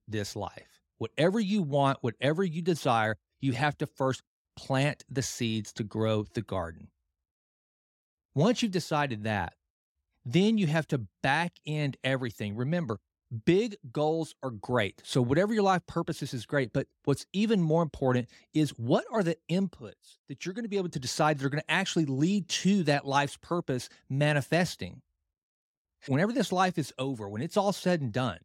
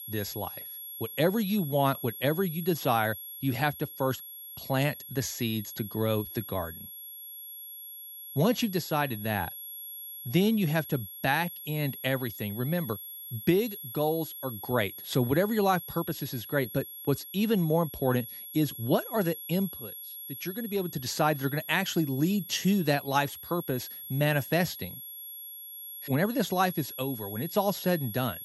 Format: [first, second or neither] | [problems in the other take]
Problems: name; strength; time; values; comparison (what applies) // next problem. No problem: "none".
first | high-pitched whine; noticeable; throughout; 11.5 kHz, 10 dB below the speech